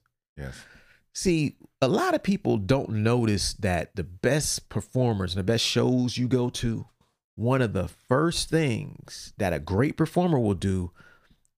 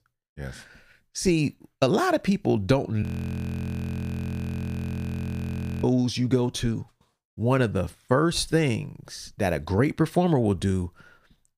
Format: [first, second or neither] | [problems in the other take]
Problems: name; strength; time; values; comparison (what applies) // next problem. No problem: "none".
first | audio freezing; at 3 s for 3 s